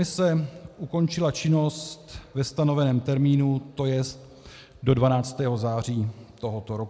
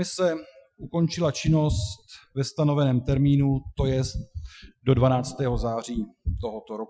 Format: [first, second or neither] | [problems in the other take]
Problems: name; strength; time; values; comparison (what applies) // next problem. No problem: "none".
first | noise reduction (classical method Wiener filter)